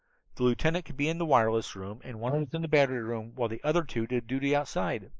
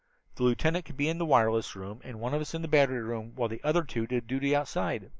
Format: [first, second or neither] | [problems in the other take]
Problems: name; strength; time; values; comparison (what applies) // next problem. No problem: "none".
second | noise reduction (neural mask model Resemble Enhance denoiser)